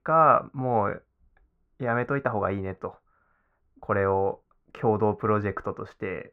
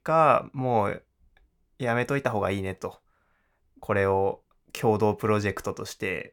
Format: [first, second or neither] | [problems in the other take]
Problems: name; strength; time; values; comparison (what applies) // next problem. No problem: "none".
second | muffled; very; fading above 3.5 kHz